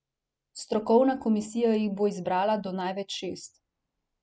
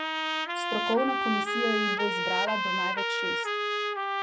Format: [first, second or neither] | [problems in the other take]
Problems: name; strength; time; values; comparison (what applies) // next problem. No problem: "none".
first | background sound (Trumpet); 4 dB above the speech